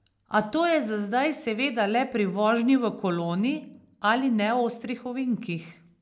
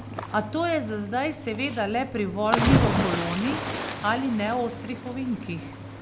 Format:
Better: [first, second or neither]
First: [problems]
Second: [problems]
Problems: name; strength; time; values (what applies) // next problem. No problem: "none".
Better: first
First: none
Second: background sound (Cricket / Waves, surf); 2 dB below the speech